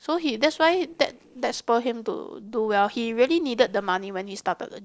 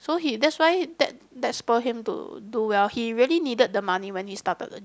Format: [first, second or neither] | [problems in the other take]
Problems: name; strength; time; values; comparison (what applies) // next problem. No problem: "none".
second | noise reduction (neural separator model SepFormer DNS4)